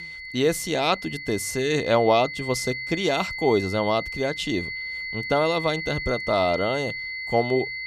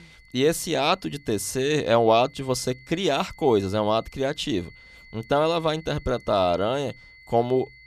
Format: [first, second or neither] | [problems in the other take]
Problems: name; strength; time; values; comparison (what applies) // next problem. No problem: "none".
second | high-pitched whine; loud; throughout; 2 kHz, 7 dB below the speech; faint in the second